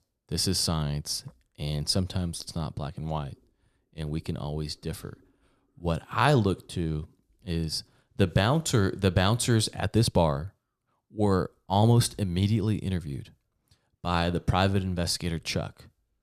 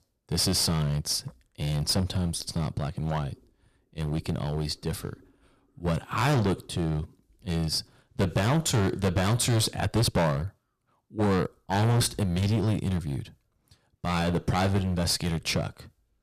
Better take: first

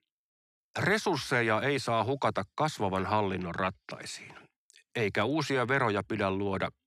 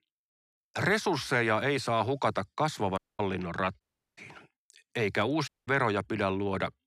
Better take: first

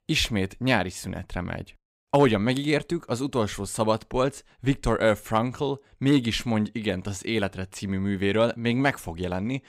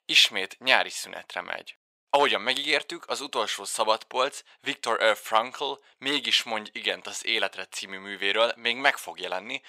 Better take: first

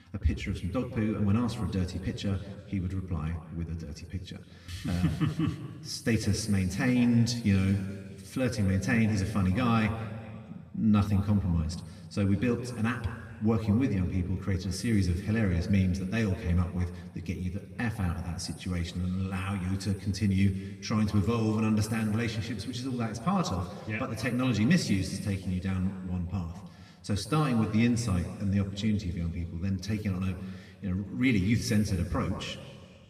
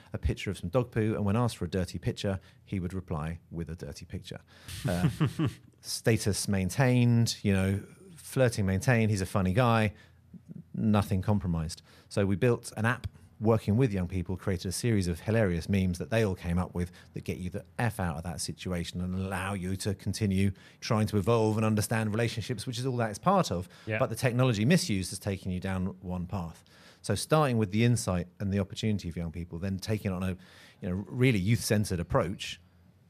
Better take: second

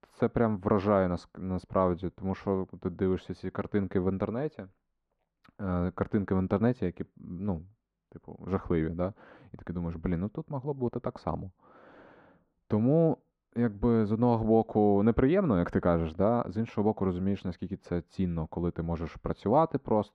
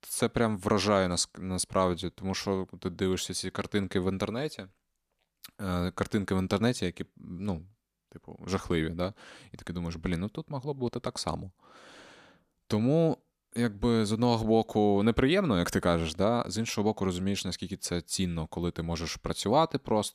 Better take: second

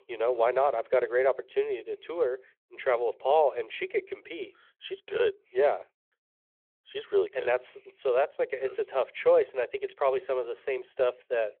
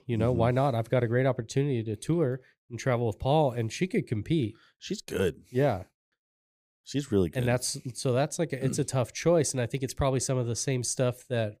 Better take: second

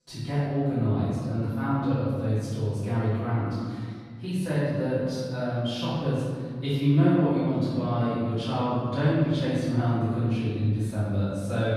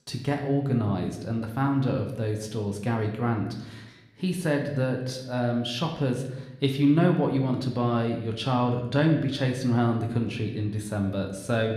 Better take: second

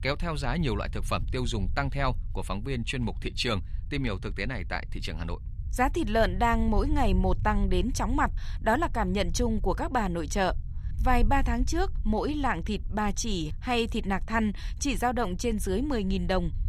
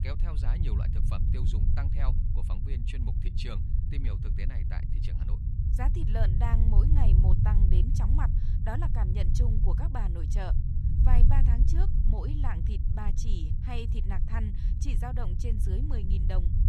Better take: first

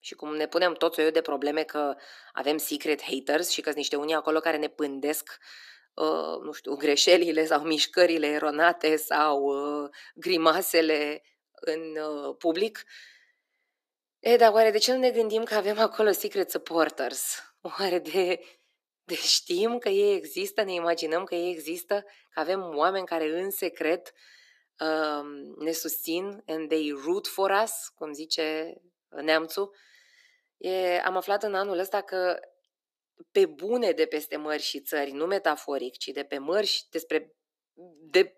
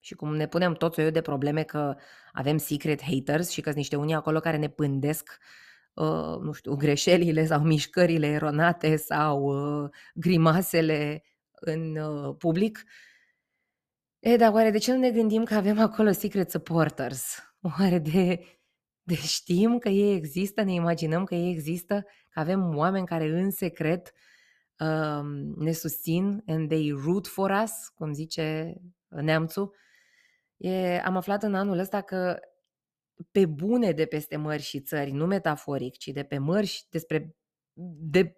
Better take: second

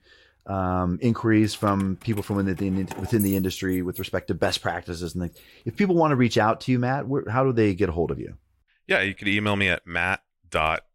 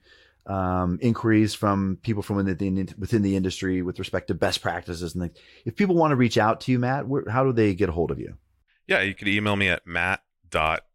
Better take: second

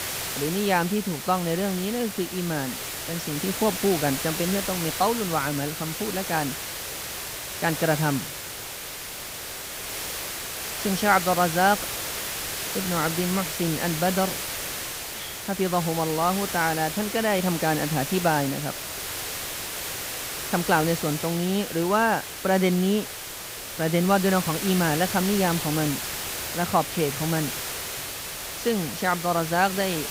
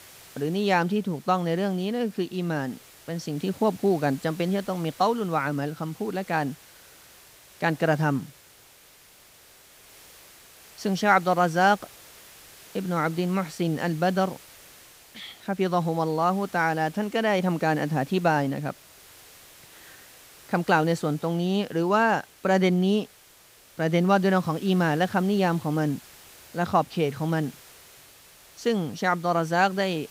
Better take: second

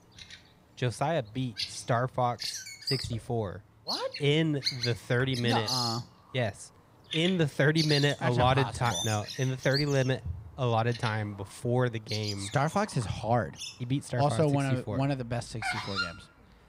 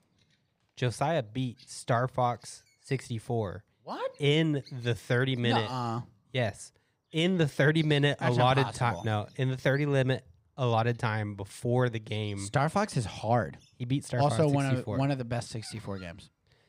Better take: second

